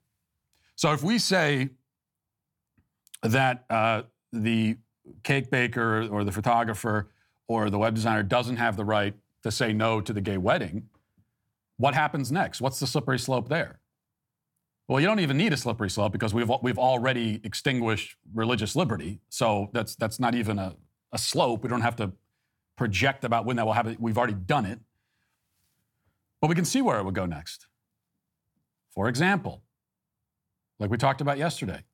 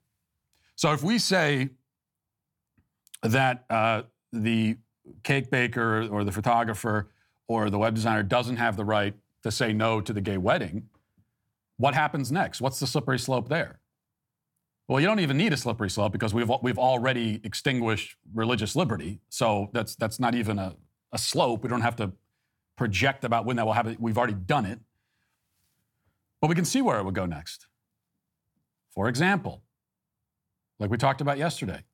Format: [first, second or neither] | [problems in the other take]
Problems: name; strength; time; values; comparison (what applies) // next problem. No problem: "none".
neither | none